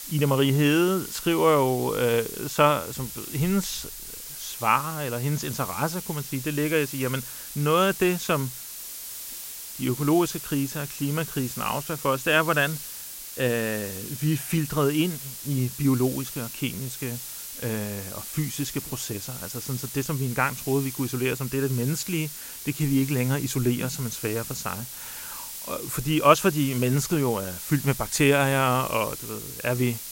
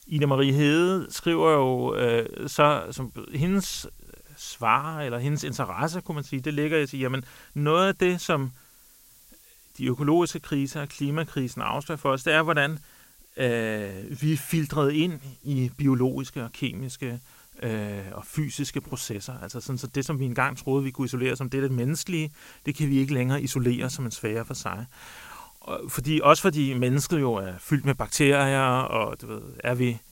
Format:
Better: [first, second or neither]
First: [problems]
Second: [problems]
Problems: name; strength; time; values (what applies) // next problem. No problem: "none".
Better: second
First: hiss; loud; throughout; 9 dB below the speech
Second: hiss; faint; throughout; 25 dB below the speech